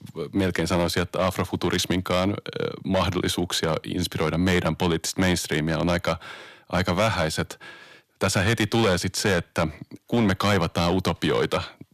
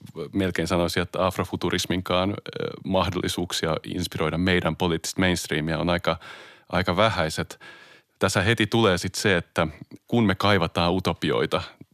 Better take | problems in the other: second | distortion; slight; 6% of the sound clipped

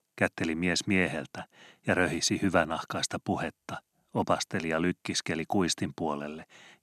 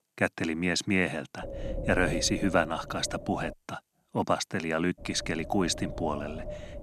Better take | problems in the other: first | wind noise on the microphone; occasional gusts; from 1.5 to 3.5 s and from 5 s on; 10 dB below the speech

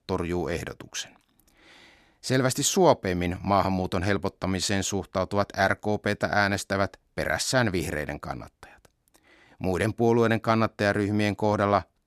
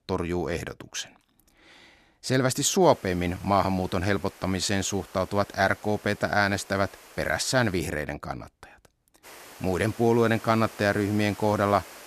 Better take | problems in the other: first | hiss; faint; from 3 to 8 s and from 9 s on; 20 dB below the speech

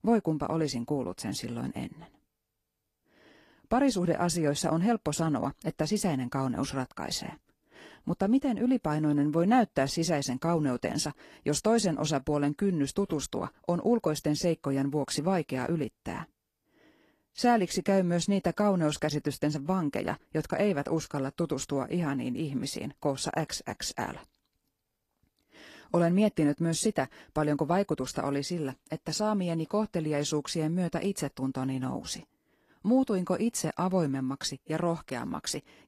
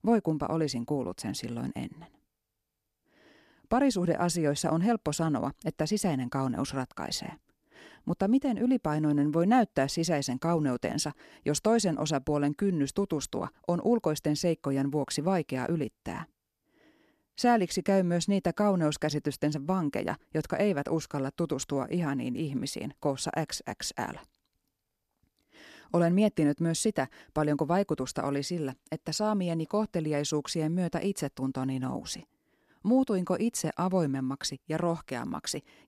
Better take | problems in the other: second | garbled, watery; slightly; nothing above 13.5 kHz

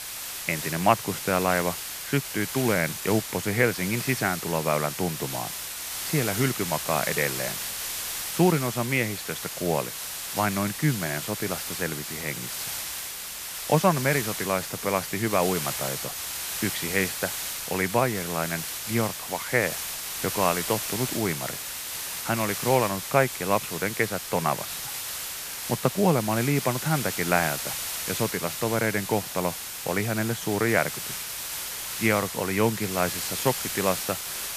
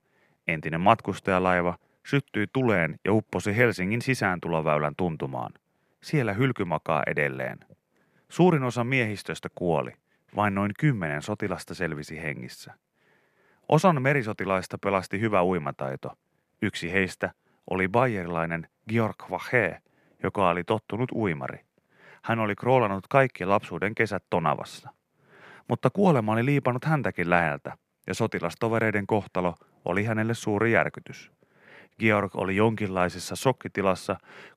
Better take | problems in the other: second | hiss; loud; throughout; 4 dB below the speech

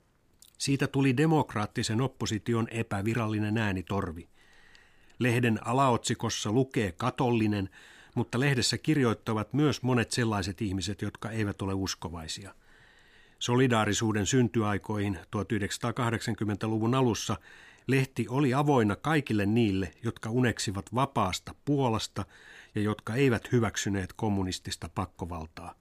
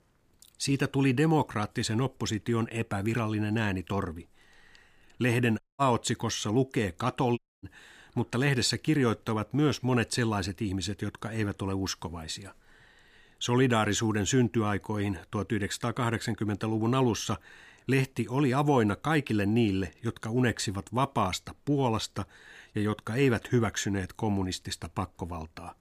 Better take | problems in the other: first | audio cutting out; at 5.5 s and at 7.5 s

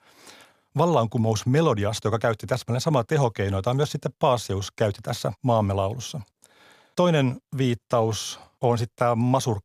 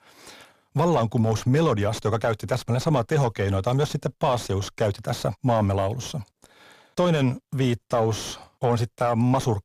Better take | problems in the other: first | distortion; slight; 10 dB below the speech

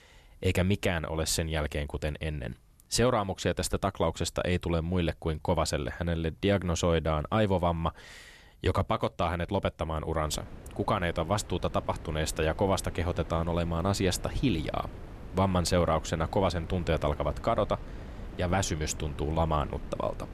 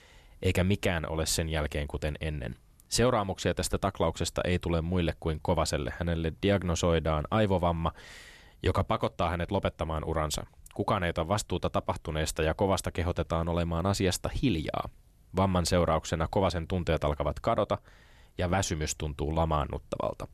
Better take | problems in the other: second | wind noise on the microphone; occasional gusts; from 10 s on; 20 dB below the speech

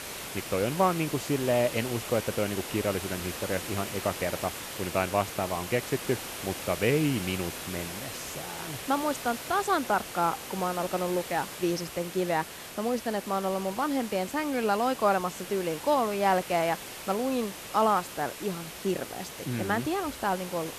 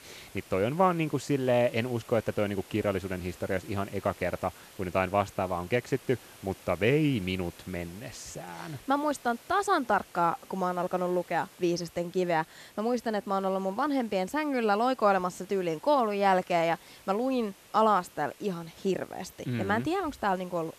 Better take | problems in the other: second | hiss; loud; throughout; 8 dB below the speech; faint in the second

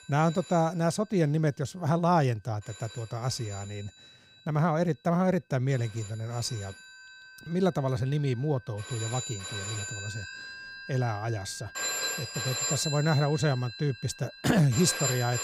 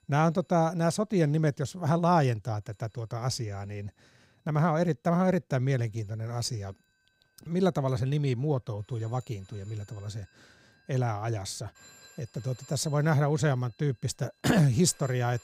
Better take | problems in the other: second | alarms or sirens; loud; throughout; 6 dB below the speech; faint in the second

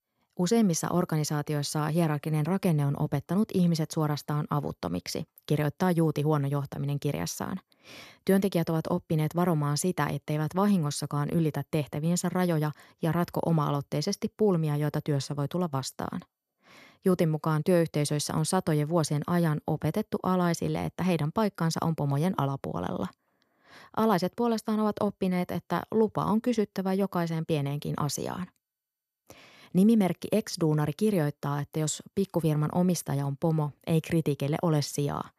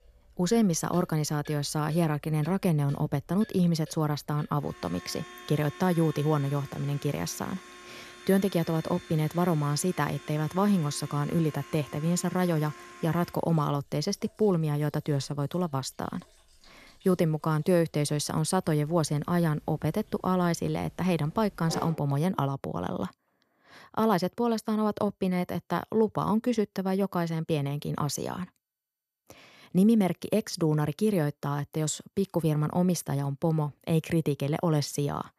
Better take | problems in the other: first | household noises; noticeable; until 22 s; 20 dB below the speech

